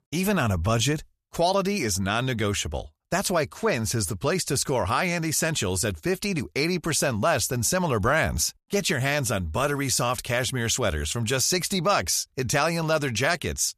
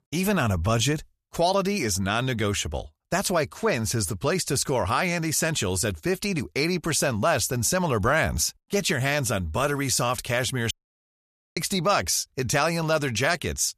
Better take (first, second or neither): first